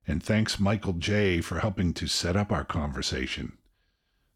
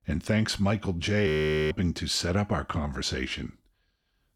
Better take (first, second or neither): first